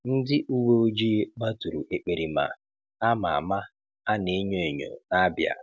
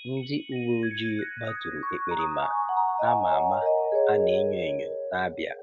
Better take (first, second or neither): first